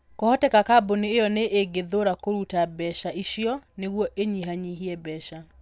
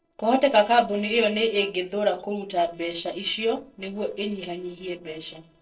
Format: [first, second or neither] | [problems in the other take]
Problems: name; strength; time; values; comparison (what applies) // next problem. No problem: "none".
first | noise reduction (neural separator model SepFormer DNS4)